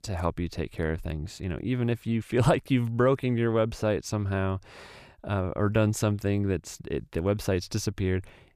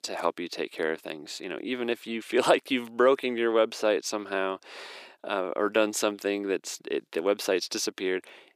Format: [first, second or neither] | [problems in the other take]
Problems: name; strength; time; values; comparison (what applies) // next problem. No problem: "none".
first | thin; somewhat; fading below 300 Hz